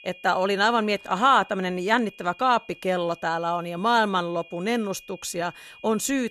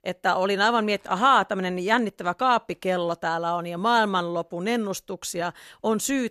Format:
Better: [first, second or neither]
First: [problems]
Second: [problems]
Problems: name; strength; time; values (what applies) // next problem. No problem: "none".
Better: second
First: high-pitched whine; faint; throughout; 2.5 kHz, 20 dB below the speech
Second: none